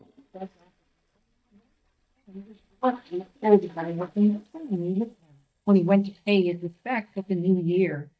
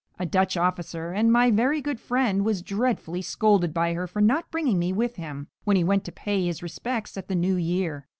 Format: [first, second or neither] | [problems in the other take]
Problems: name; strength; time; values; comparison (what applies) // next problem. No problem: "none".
second | noise reduction (neural mask model DeepFilterNet 3)